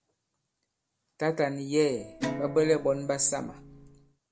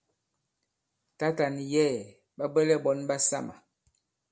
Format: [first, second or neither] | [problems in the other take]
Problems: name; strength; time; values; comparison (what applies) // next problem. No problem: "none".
second | background sound (Guitar); 9 dB below the speech